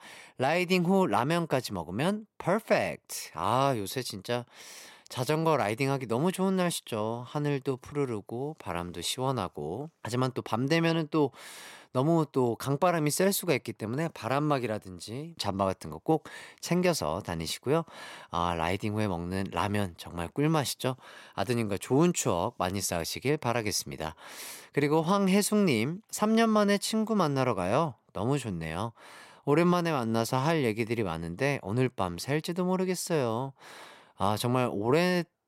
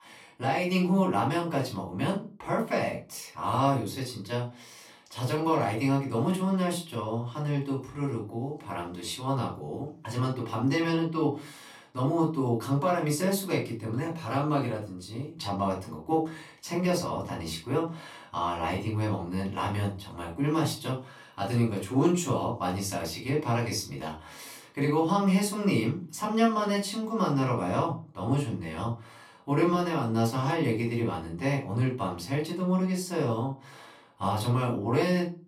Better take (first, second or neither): first